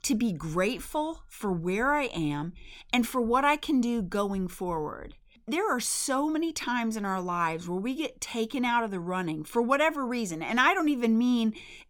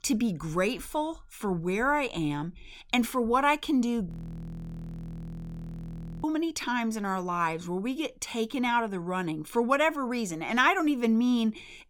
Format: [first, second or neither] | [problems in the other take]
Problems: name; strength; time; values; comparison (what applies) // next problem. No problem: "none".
first | audio freezing; at 4 s for 2 s